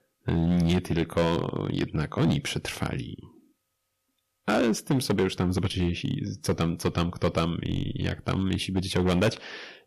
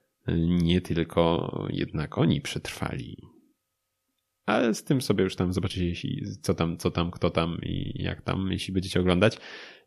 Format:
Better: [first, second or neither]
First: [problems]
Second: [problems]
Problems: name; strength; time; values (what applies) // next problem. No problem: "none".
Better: second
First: distortion; slight; 6% of the sound clipped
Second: none